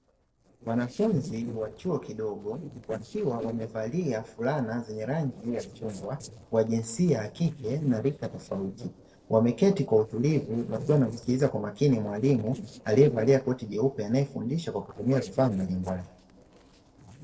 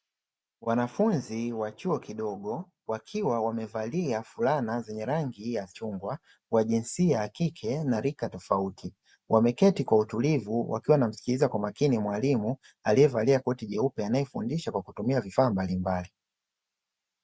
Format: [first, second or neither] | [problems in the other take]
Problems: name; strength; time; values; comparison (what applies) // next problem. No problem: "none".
second | noise reduction (neural separator model SepFormer DNS4)